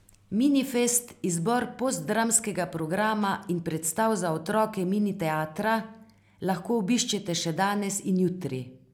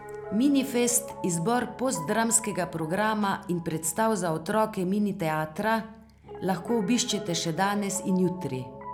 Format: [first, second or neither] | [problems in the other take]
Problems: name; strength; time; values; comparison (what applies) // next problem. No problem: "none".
first | background sound (Piano); 15 dB below the speech